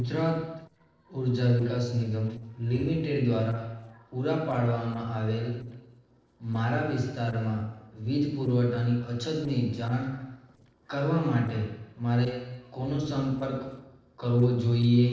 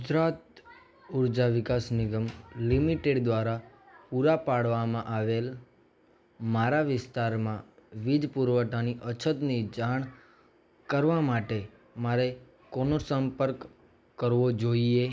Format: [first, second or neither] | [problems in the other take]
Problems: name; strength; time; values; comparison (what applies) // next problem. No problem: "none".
second | noise reduction (neural separator model SepFormer DNS4)